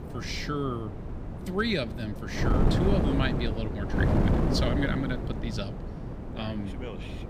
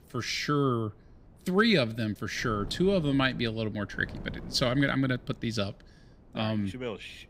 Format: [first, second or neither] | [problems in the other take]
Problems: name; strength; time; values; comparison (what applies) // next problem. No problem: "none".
second | wind noise on the microphone; heavy; 2 dB below the speech; occasional gusts in the second